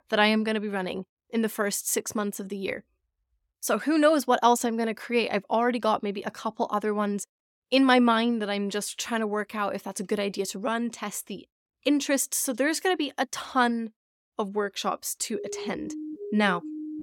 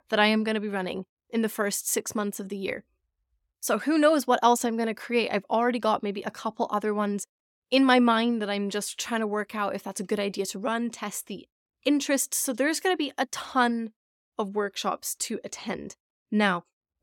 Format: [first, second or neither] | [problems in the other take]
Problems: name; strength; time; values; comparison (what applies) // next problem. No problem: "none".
second | siren; noticeable; from 15 s on; peak 10 dB below the speech